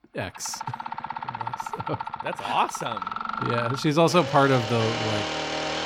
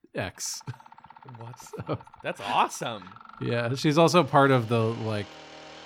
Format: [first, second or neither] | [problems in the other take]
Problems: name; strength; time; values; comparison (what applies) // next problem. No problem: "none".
second | machinery noise; loud; throughout; 6 dB below the speech; faint in the second